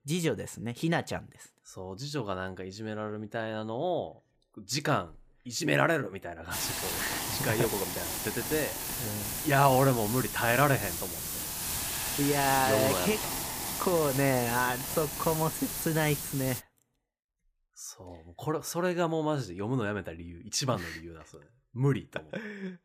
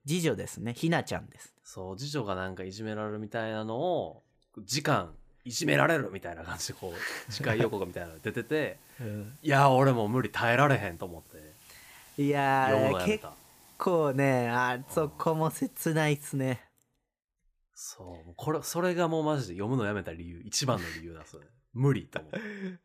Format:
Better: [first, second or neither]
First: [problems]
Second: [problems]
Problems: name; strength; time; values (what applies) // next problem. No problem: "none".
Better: second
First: hiss; loud; from 6.5 to 17 s; 2 dB below the speech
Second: hiss; faint; from 6.5 to 17 s; 25 dB below the speech